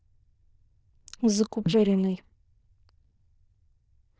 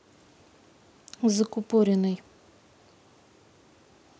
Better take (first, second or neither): second